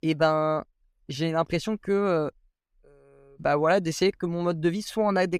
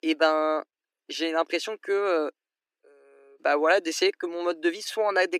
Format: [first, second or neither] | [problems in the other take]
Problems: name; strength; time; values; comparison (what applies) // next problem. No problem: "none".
first | thin; very; fading below 300 Hz